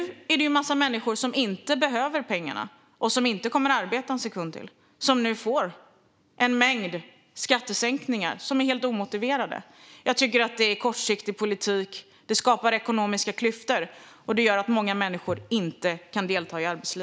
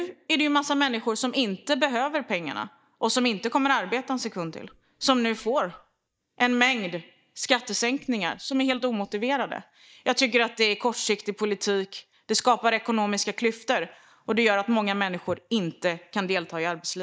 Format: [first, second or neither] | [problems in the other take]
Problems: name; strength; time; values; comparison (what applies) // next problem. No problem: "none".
first | noise reduction (neural mask model DeepFilterNet 3)